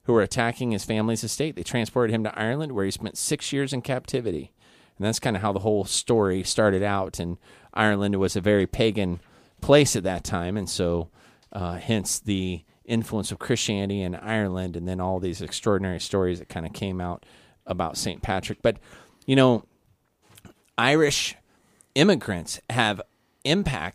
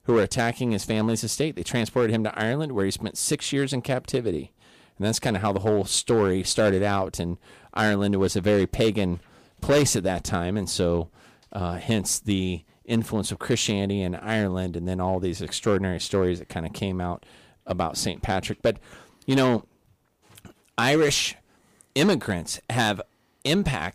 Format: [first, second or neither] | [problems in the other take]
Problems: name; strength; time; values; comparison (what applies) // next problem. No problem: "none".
first | distortion; slight; 3% of the sound clipped